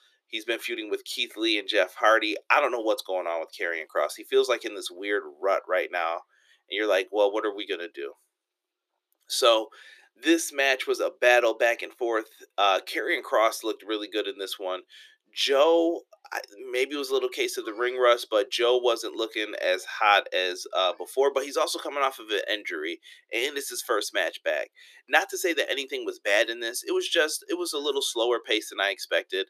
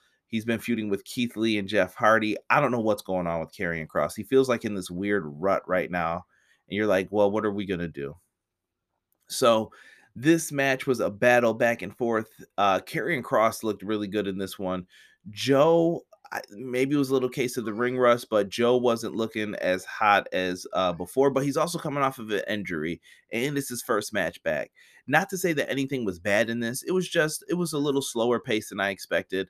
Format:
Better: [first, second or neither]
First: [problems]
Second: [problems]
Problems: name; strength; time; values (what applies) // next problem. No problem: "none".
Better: second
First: thin; very; fading below 350 Hz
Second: none